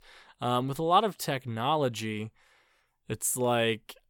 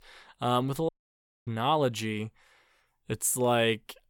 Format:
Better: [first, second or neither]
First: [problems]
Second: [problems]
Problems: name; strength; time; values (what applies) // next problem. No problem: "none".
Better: first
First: none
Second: audio cutting out; at 1 s for 0.5 s